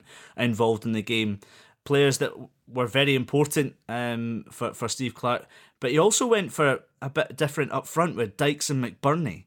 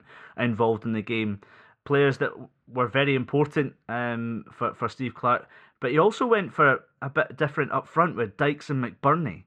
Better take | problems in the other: first | muffled; very; fading above 2 kHz

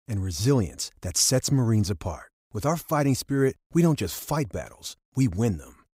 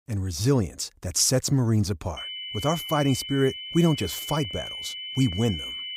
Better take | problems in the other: first | high-pitched whine; loud; from 2 s on; 3 kHz, 8 dB below the speech

